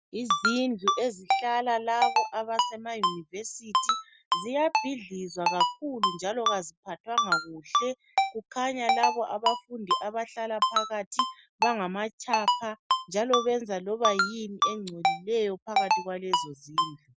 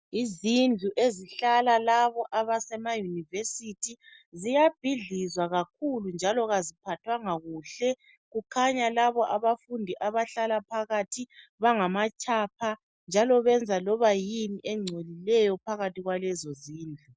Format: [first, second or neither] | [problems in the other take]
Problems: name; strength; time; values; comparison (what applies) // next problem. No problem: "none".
second | background sound (Ringtone); 2 dB above the speech